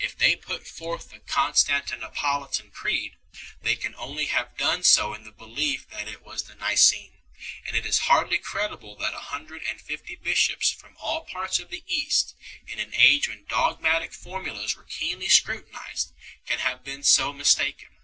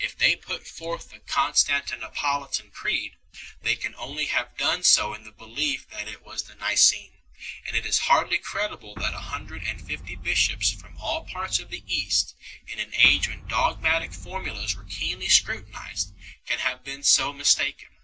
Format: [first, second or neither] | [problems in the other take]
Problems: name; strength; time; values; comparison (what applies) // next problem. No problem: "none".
first | background sound (Boom); 11 dB below the speech